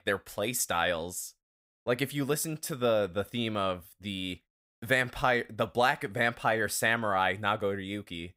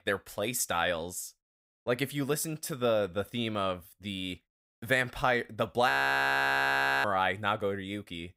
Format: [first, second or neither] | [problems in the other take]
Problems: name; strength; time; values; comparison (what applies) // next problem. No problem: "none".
first | audio freezing; at 6 s for 1 s